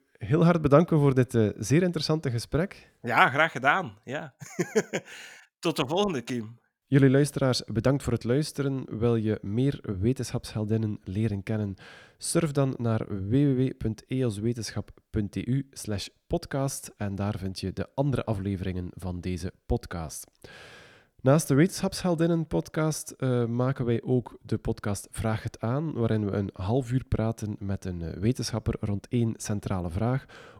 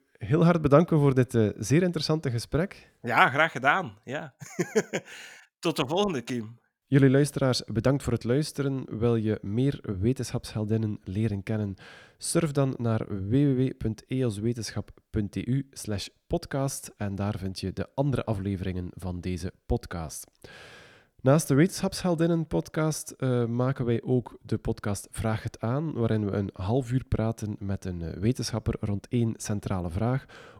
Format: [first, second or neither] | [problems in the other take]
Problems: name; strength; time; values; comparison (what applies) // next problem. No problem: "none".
neither | none